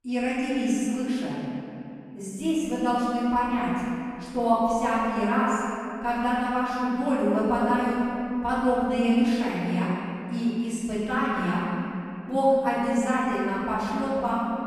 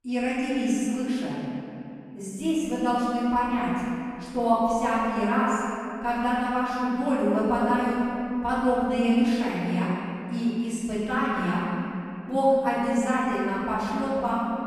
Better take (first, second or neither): neither